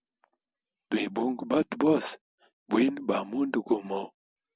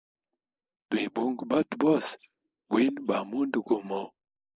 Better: first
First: none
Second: noise reduction (neural mask model Resemble Enhance denoiser)

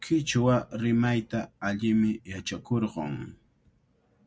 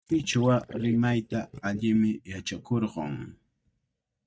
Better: first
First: none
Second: noise reduction (neural mask model DeepFilterNet 3)

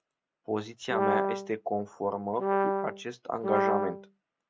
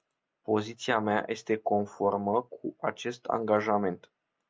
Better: second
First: background sound (Brass instrument); 4 dB above the speech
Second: none

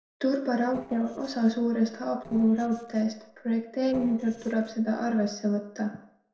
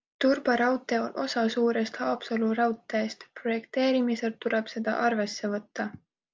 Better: second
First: noise reduction (neural separator model SepFormer DNS4)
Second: none

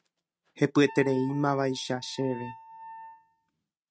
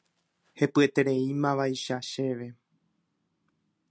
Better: second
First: noise reduction (neural mask model RNNoise)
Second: none

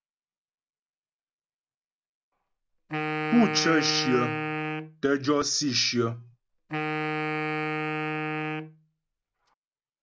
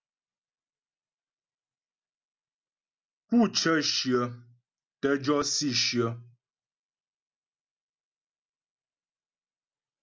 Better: second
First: background sound (Wind instrument, woodwind instrument); 1 dB below the speech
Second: none

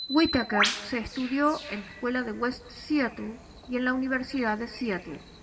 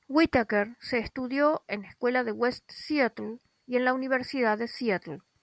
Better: second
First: background sound (Bird); 8 dB below the speech // room echo; dies away in 0.6 s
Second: none

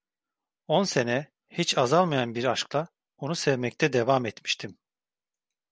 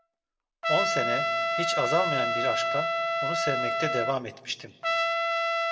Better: first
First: none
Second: background sound (Trumpet); 4 dB above the speech // room echo; dies away in 0.9 s

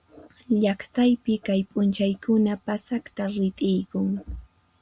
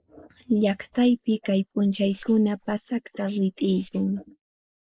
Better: first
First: none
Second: noise reduction (neural mask model Resemble Enhance denoiser)

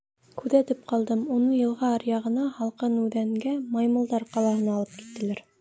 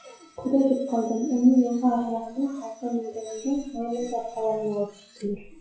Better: first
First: none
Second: noise reduction (classical method WPE with log-MMSE)

